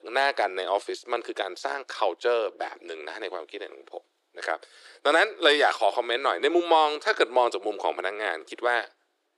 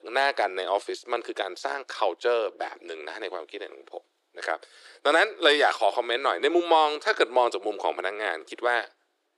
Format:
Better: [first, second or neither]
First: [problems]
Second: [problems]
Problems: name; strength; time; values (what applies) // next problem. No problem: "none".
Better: neither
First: thin; very; fading below 350 Hz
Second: thin; very; fading below 350 Hz